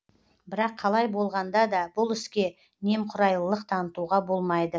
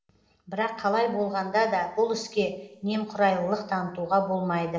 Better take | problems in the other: first | room echo; dies away in 1.7 s

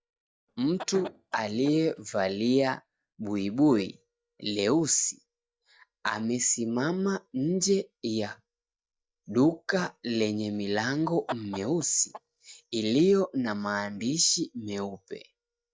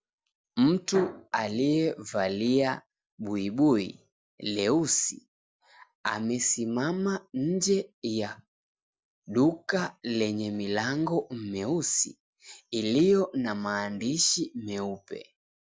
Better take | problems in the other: second | noise reduction (neural mask model DeepFilterNet 3)

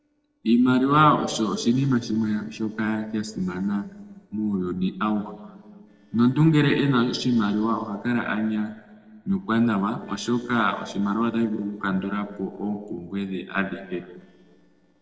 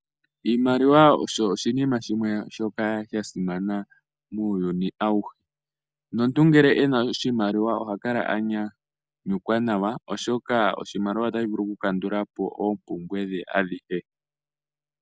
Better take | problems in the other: second | noise reduction (neural separator model SepFormer DNS4)

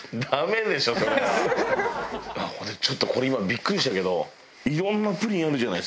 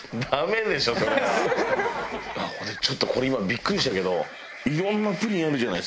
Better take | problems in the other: first | background sound (Livestock, farm animals, working animals); 16 dB below the speech

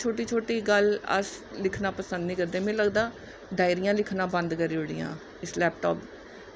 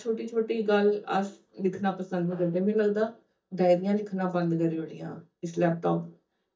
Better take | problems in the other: first | noise reduction (neural mask model DeepFilterNet 3)

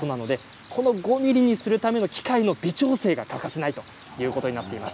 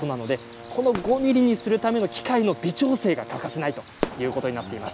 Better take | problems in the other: first | background sound (Fireworks + Brass instrument); 14 dB below the speech

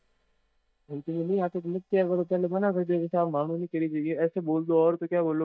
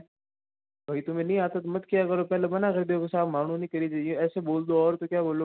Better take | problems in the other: second | noise reduction (neural mask model DeepFilterNet 3)

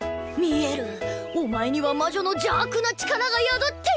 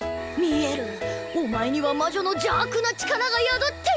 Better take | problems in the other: first | background sound (Fire); 19 dB below the speech

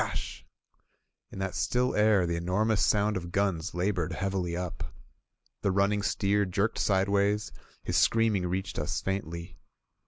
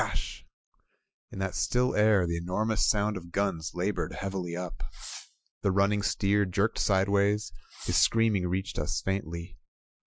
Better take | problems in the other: first | noise reduction (classical method Wiener filter)

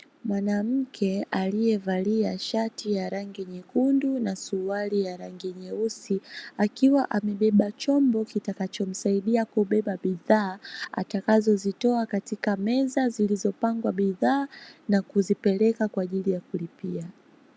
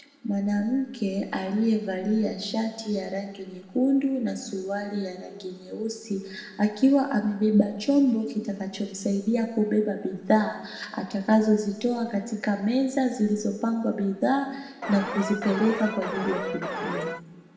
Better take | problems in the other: first | background sound (Alarm); 6 dB below the speech // room echo; dies away in 1.1 s

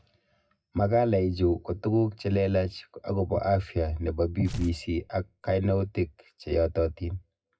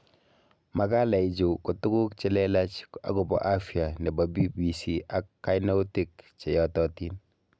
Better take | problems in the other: second | noise reduction (classical method WPE with log-MMSE)

